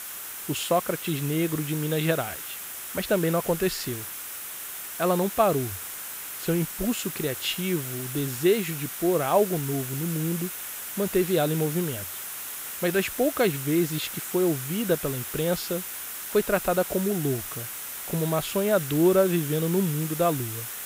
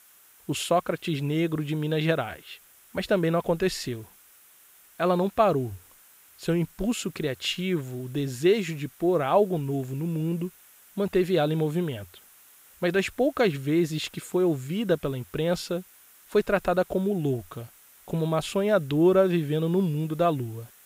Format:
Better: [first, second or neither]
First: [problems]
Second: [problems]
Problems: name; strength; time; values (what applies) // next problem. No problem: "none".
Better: second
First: hiss; loud; throughout; 7 dB below the speech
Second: hiss; faint; throughout; 25 dB below the speech